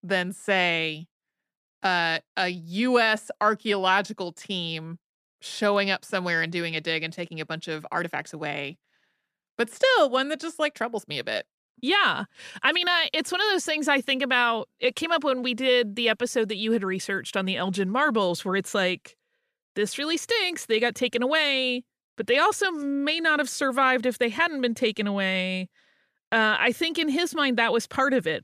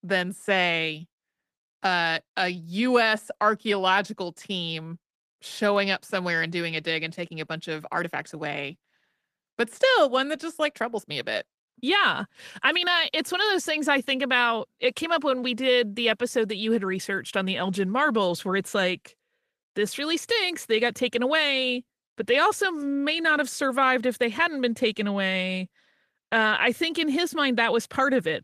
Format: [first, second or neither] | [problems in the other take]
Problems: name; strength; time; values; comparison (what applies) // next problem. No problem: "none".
first | garbled, watery; slightly; nothing above 14.5 kHz